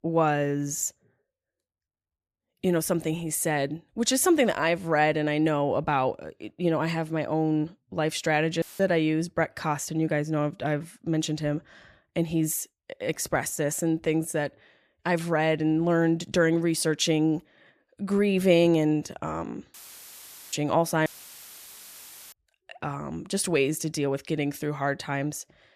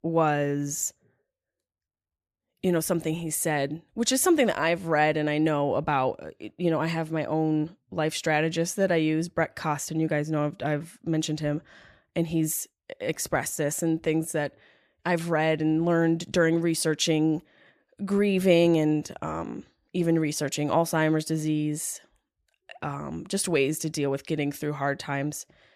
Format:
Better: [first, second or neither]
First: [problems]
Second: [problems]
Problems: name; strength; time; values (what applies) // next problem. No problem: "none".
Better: second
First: audio cutting out; filled with static; at 8.5 s, at 20 s for 1 s and at 21 s for 1.5 s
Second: none